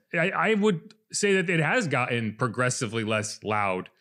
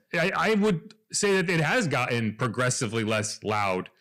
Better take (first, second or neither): first